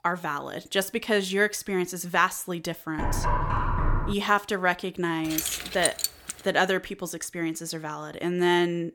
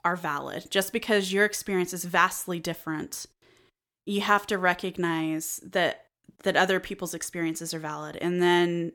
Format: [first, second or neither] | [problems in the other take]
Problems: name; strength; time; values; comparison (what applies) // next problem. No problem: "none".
second | door banging; loud; from 3 to 4 s; peak 1 dB above the speech // jangling keys; loud; from 5.5 to 6.5 s; peak level with the speech